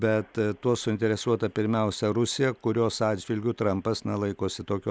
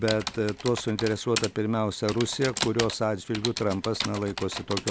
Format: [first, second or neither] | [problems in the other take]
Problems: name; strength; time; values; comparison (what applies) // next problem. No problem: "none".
first | background sound (Typing); 8 dB below the speech